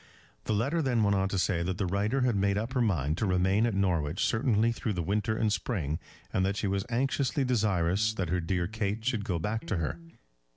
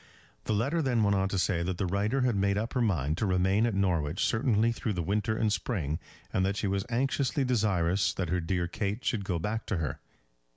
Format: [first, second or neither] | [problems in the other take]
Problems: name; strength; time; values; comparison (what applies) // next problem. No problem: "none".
second | background sound (Electric guitar); 16 dB below the speech